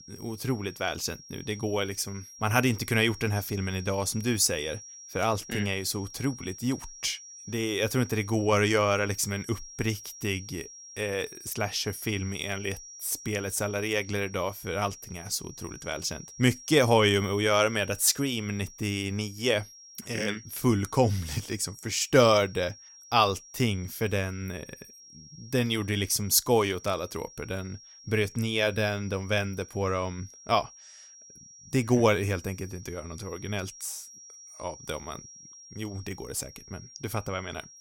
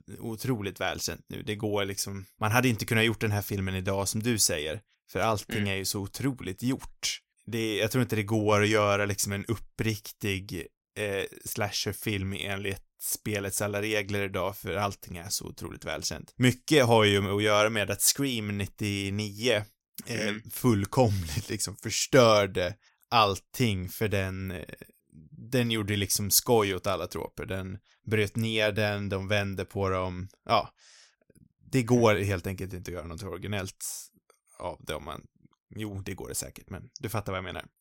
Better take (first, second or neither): second